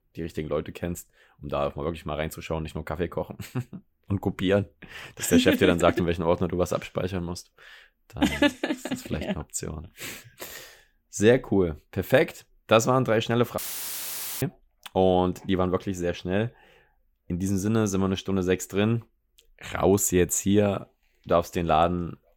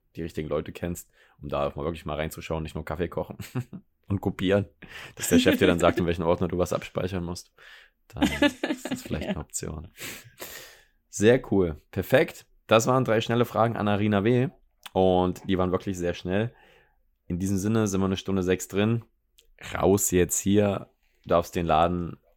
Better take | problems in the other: second | audio cutting out; filled with static; at 14 s for 1 s

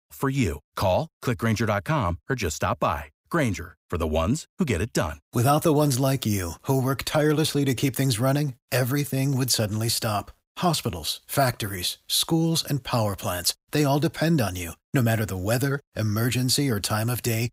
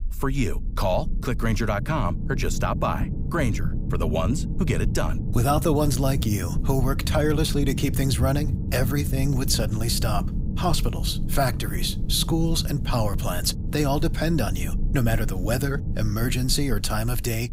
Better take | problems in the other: first | low rumble; noticeable; throughout; 15 dB below the speech

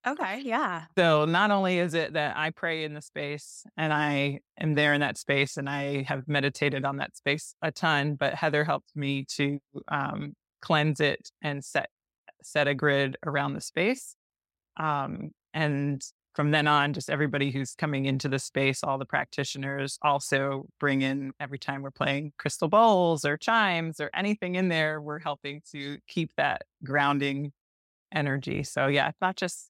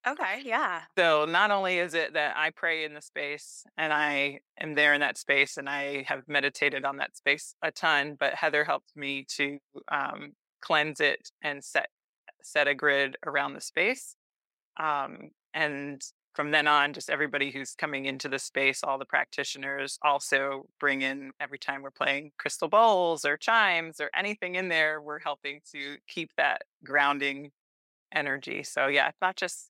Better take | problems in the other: first | thin; somewhat; fading below 400 Hz

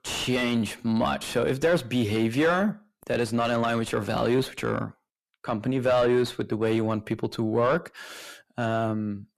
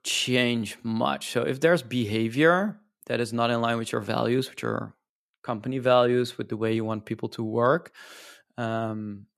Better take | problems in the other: second | distortion; heavy; 7 dB below the speech

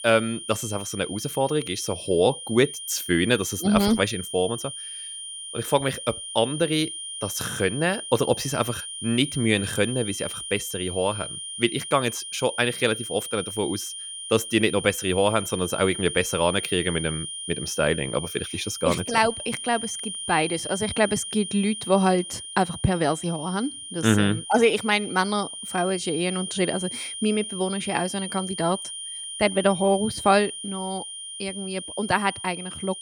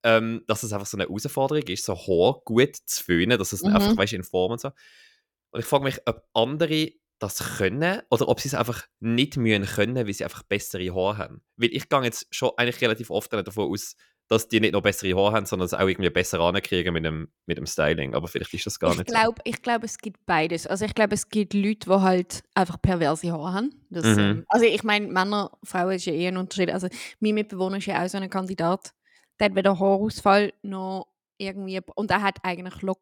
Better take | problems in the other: second | high-pitched whine; loud; throughout; 3 kHz, 8 dB below the speech

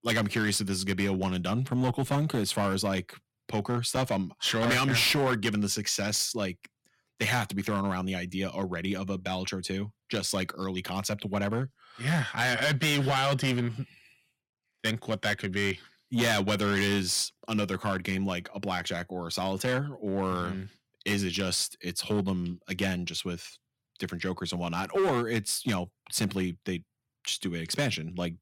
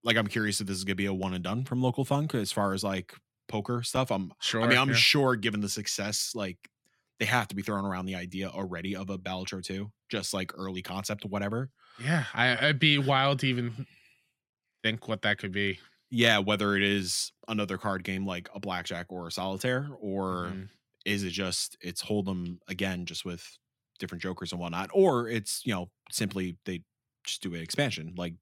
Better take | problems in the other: second | distortion; heavy; 6% of the sound clipped

